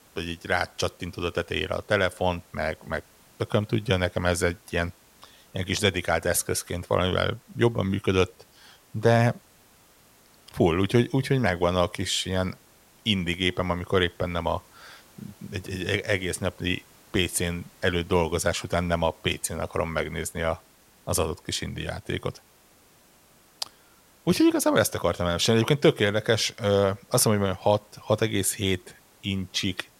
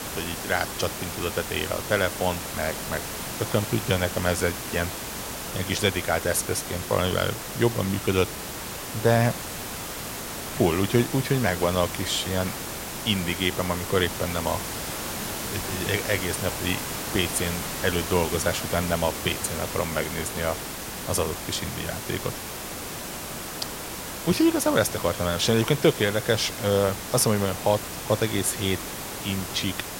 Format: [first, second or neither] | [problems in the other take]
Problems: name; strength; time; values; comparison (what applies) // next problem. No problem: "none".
first | hiss; loud; throughout; 6 dB below the speech; faint in the first